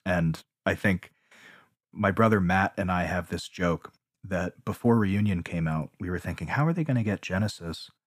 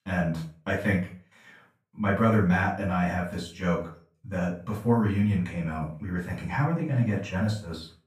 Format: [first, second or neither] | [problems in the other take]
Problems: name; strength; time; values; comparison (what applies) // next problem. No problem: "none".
first | off-mic speech; far // room echo; slight; dies away in 0.3 s